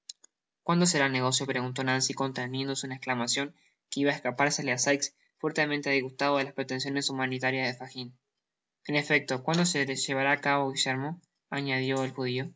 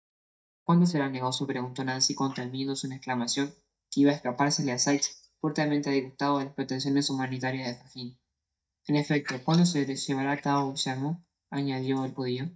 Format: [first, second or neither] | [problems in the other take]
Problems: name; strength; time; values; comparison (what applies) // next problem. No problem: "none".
first | noise reduction (neural mask model DeepFilterNet 3)